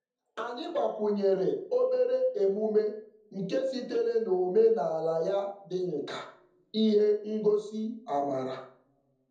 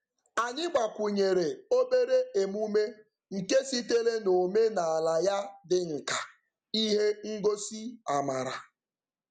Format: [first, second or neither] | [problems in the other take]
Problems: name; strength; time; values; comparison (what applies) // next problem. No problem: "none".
second | room echo; dies away in 0.6 s